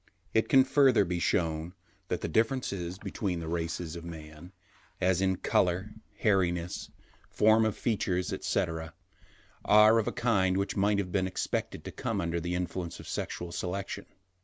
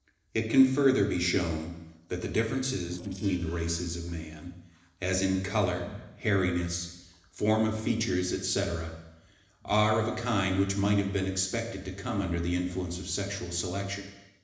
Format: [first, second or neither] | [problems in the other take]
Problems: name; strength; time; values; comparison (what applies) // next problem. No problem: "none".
first | noise reduction (neural separator model SepFormer DNS4)